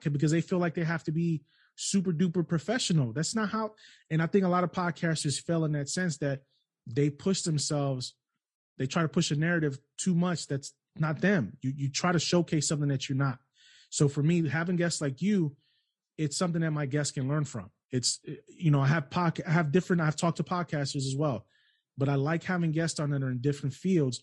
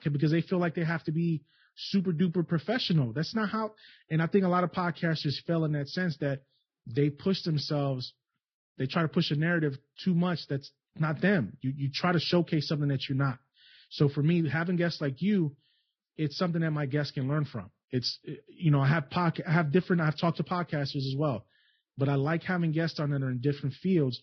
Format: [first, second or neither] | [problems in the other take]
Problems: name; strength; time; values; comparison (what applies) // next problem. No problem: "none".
first | garbled, watery; badly; nothing above 5.5 kHz; slightly in the first